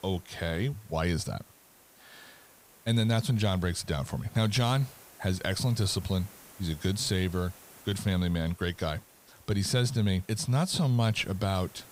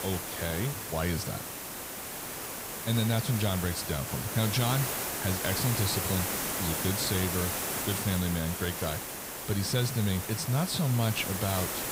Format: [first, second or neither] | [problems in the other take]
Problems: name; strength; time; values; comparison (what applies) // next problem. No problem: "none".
first | hiss; loud; throughout; 2 dB below the speech; faint in the first